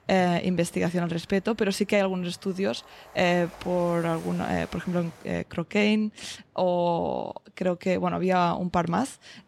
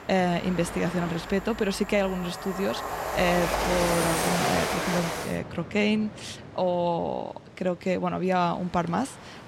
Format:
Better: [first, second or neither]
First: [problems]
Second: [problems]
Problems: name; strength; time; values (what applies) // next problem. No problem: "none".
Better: first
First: train or aircraft noise; faint; throughout; 25 dB below the speech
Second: train or aircraft noise; loud; throughout; 3 dB below the speech